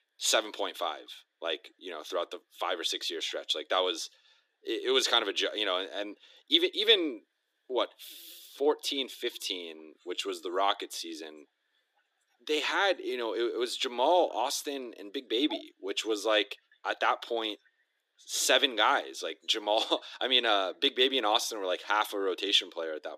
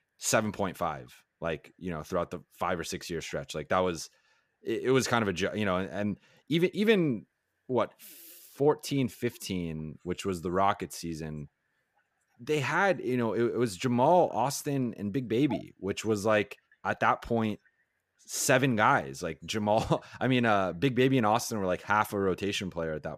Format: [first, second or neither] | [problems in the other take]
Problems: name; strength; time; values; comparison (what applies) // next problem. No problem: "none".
second | thin; somewhat; fading below 300 Hz